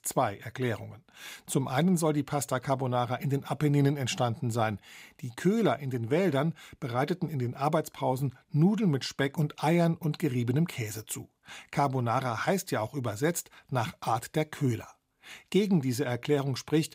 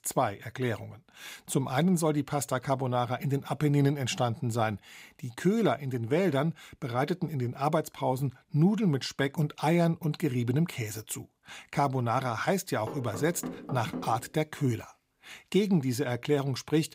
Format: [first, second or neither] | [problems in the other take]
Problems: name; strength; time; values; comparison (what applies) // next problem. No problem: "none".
first | door banging; noticeable; from 13 to 16 s; peak 10 dB below the speech